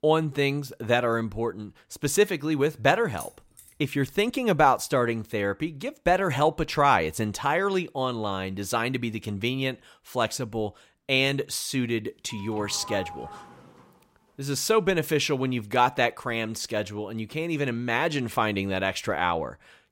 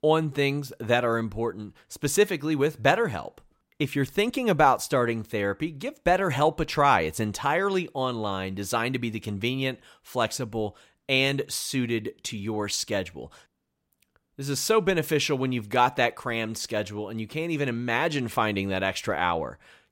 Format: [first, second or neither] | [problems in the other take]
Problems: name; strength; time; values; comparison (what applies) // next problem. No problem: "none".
second | jangling keys; faint; at 3 s; peak 15 dB below the speech // doorbell; faint; from 12 to 14 s; peak 10 dB below the speech